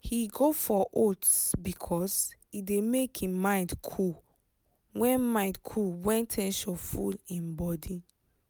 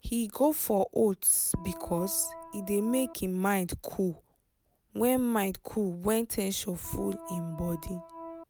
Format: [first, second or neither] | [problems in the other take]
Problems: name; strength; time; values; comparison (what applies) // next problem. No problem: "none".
first | background sound (Organ); 14 dB below the speech